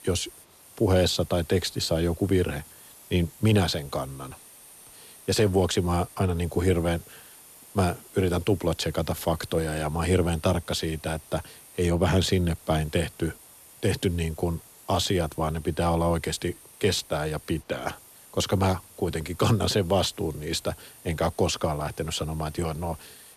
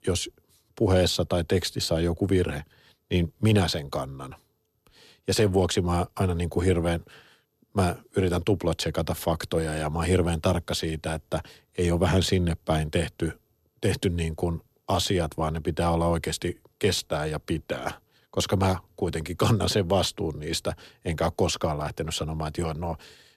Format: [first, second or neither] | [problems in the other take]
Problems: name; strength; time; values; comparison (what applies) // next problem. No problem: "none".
second | hiss; faint; throughout; 20 dB below the speech